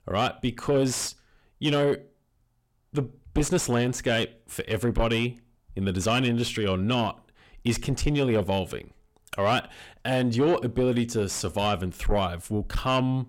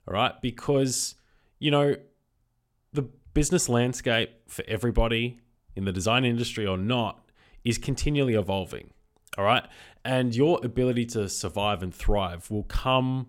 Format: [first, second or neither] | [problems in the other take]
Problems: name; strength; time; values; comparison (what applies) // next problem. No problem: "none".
second | distortion; slight; 9 dB below the speech